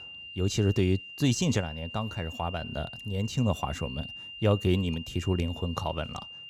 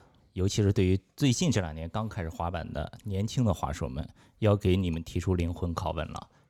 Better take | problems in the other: second | high-pitched whine; noticeable; throughout; 3 kHz, 10 dB below the speech

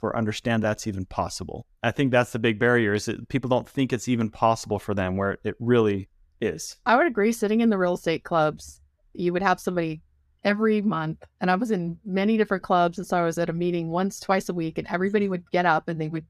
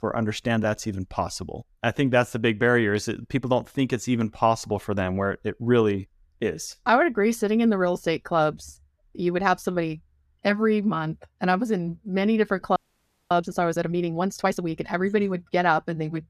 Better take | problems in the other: first | audio freezing; at 13 s for 0.5 s

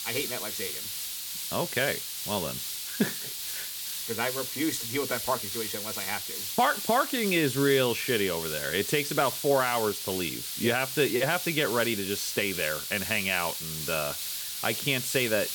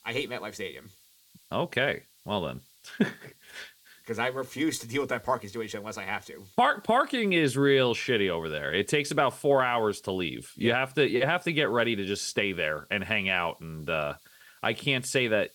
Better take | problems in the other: second | hiss; loud; throughout; 4 dB below the speech; faint in the second

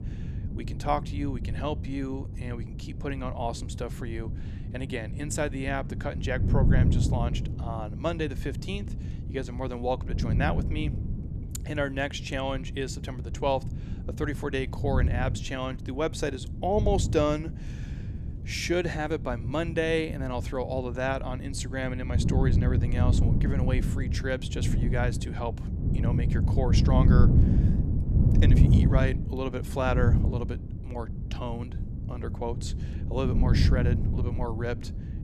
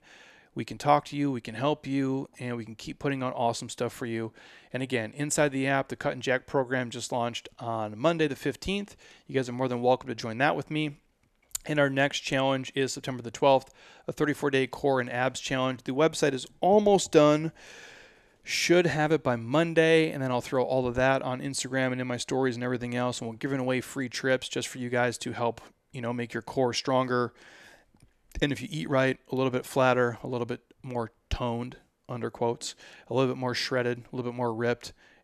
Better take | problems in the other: second | wind noise on the microphone; heavy; 8 dB below the speech

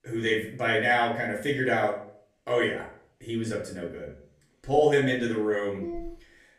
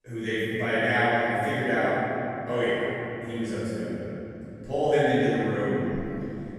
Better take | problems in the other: first | room echo; strong; dies away in 3 s; slight in the first // off-mic speech; far; far in the first

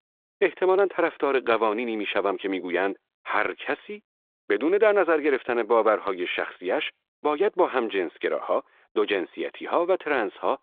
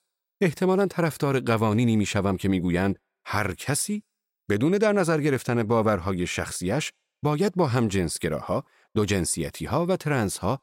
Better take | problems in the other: second | phone-call audio; nothing above 3.5 kHz

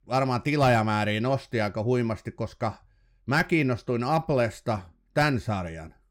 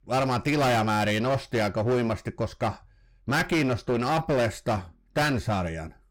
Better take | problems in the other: first | distortion; heavy; 18% of the sound clipped

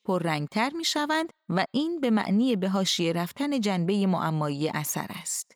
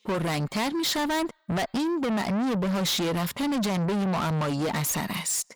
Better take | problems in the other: first | distortion; heavy; 5 dB below the speech

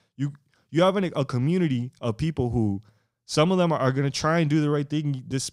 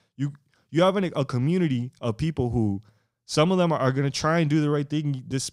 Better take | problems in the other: neither | none

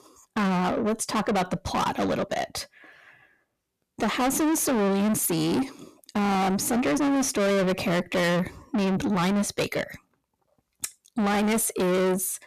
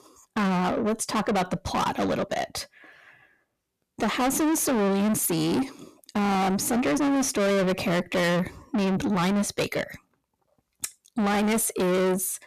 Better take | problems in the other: neither | distortion; heavy; 6 dB below the speech; the same in both

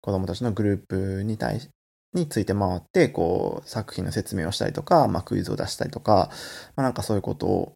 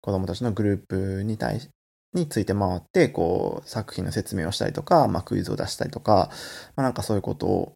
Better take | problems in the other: neither | none

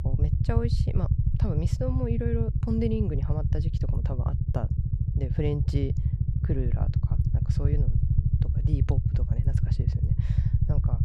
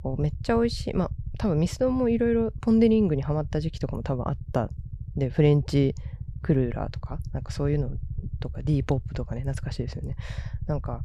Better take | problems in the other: second | low rumble; loud; throughout; 3 dB below the speech; faint in the second

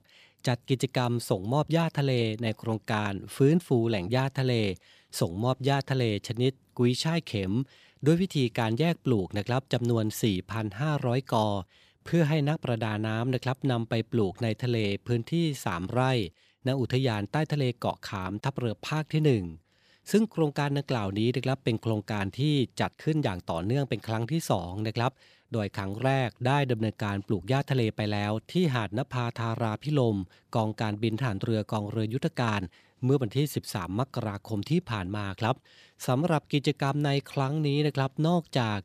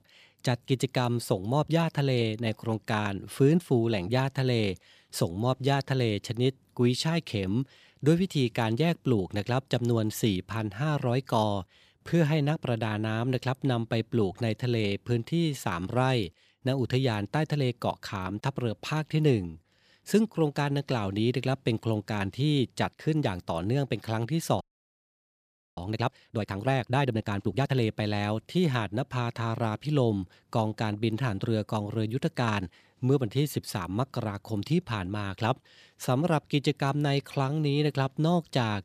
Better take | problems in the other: first | audio freezing; at 25 s for 1 s

